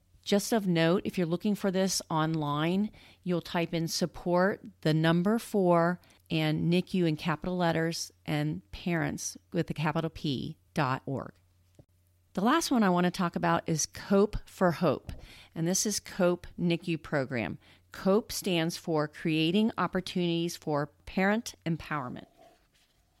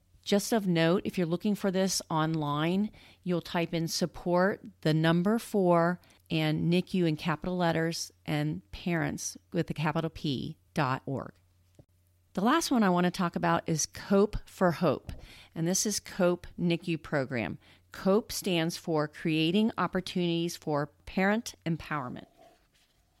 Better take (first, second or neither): neither